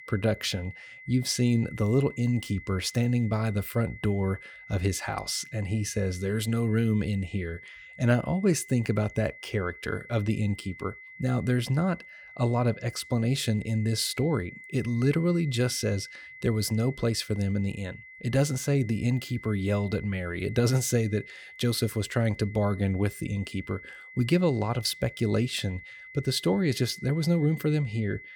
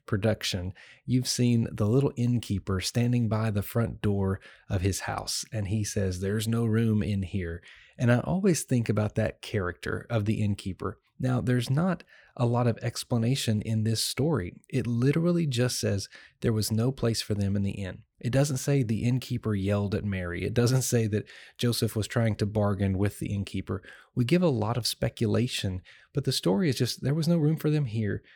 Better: second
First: high-pitched whine; noticeable; throughout; 2 kHz, 15 dB below the speech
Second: none

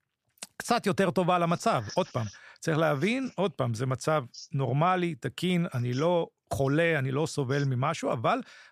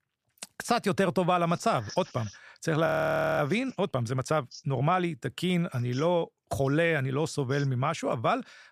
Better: first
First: none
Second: audio freezing; at 3 s for 0.5 s

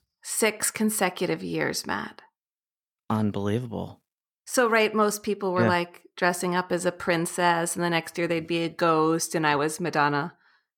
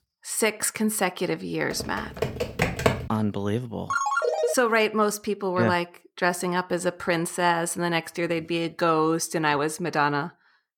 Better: first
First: none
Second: keyboard typing; loud; from 1.5 to 3 s; peak 1 dB above the speech // phone ringing; loud; at 4 s; peak 1 dB above the speech

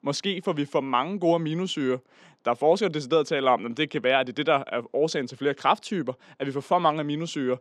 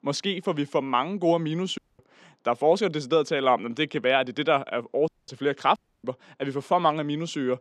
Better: first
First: none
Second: audio cutting out; at 2 s, at 5 s and at 6 s

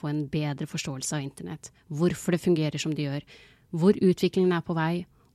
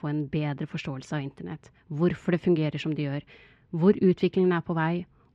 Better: first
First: none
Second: muffled; slightly; fading above 2.5 kHz

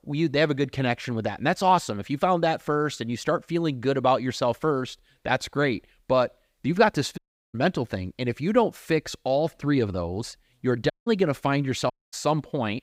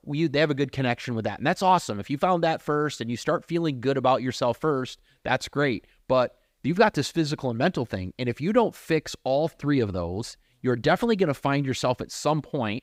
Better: second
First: audio cutting out; at 7 s, at 11 s and at 12 s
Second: none

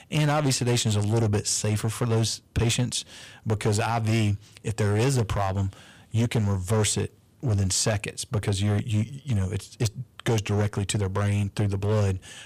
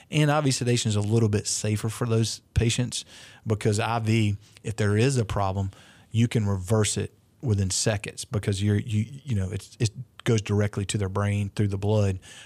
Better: second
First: distortion; slight; 11% of the sound clipped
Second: none

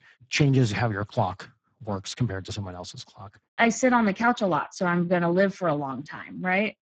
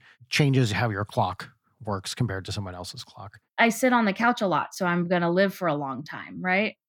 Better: second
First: garbled, watery; badly; nothing above 7.5 kHz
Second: none

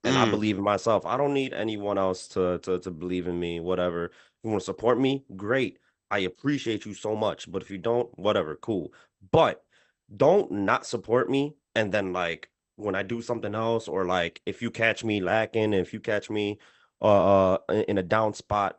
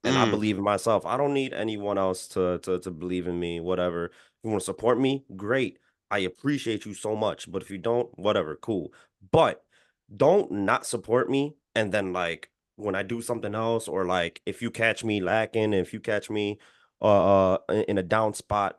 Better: second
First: garbled, watery; slightly; nothing above 8 kHz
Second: none

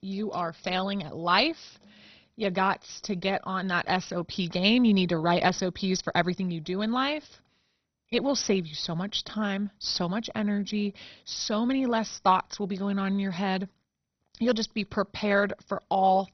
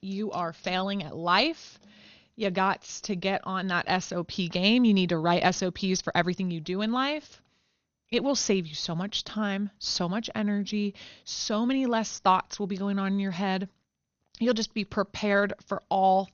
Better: second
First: garbled, watery; badly; nothing above 6 kHz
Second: garbled, watery; slightly; nothing above 6.5 kHz

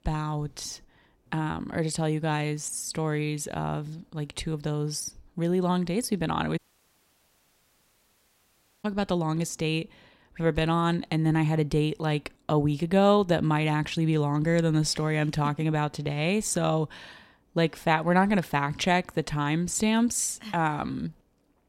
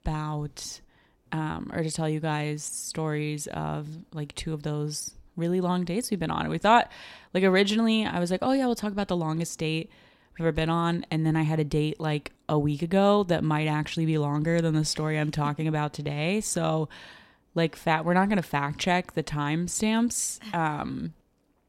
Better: second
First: audio cutting out; at 6.5 s for 2.5 s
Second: none

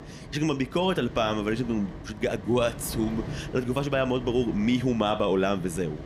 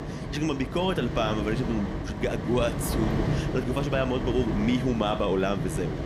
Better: first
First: wind noise on the microphone; occasional gusts; 15 dB below the speech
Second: wind noise on the microphone; heavy; 6 dB below the speech

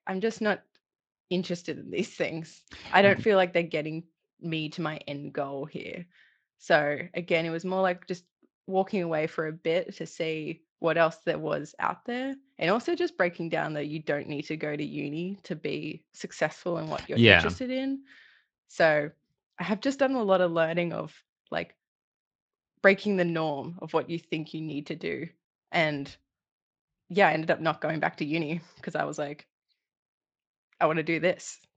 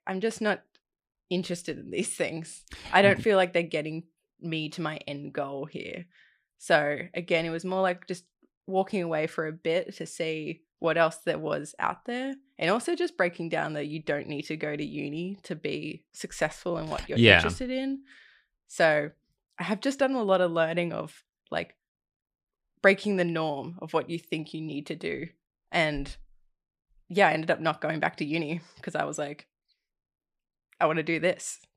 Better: second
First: garbled, watery; slightly; nothing above 7.5 kHz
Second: none

